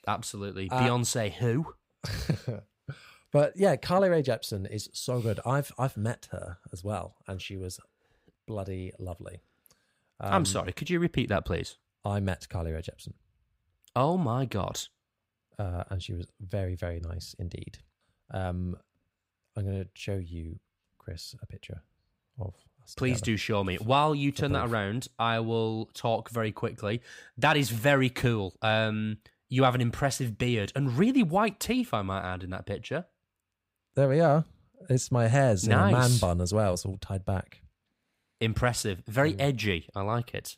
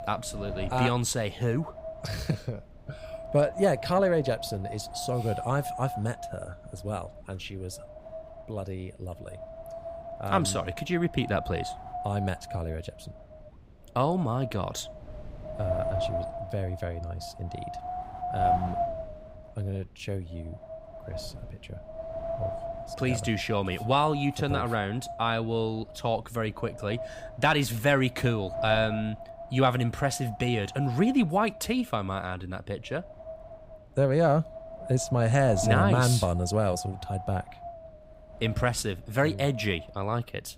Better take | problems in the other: first | wind noise on the microphone; heavy; 7 dB below the speech

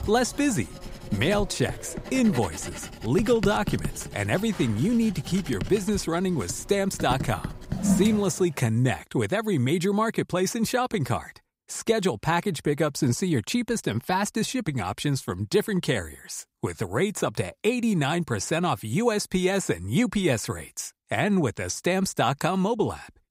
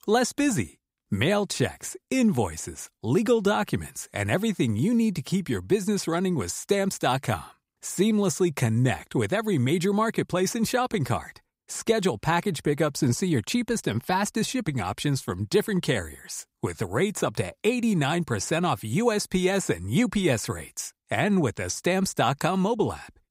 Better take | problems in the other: second | household noises; loud; until 8.5 s; 9 dB below the speech

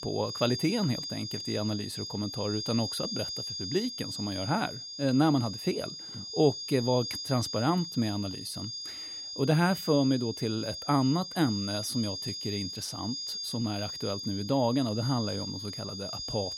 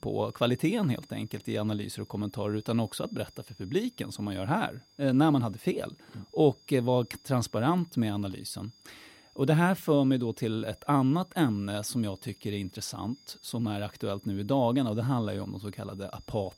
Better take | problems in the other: second | high-pitched whine; loud; throughout; 5 kHz, 5 dB below the speech; faint in the second

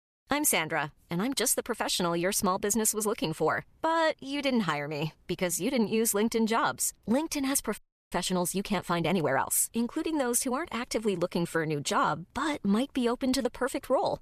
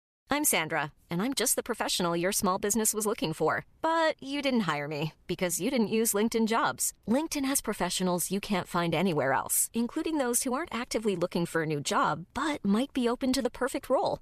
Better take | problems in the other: second | audio freezing; at 8 s

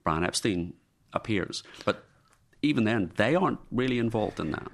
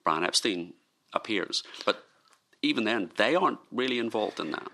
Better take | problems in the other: first | thin; very slightly; fading below 350 Hz

